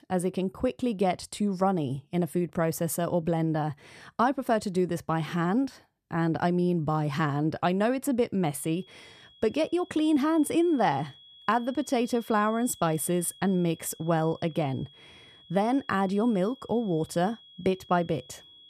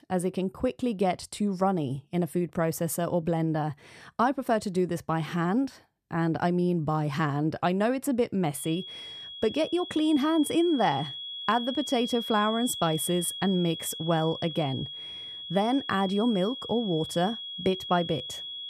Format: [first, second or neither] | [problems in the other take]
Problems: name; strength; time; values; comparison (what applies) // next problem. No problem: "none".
first | high-pitched whine; loud; from 8.5 s on; 3.5 kHz, 8 dB below the speech; faint in the first